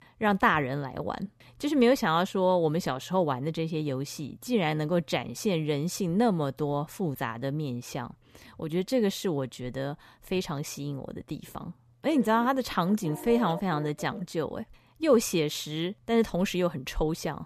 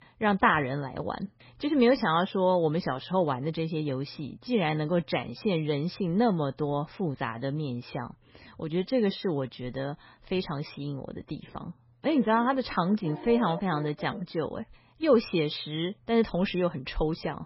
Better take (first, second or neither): first